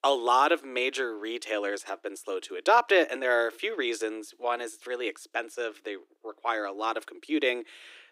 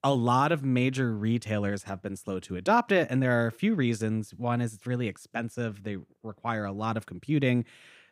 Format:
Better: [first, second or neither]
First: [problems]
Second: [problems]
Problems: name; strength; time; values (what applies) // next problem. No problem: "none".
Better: second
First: thin; very; fading below 300 Hz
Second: none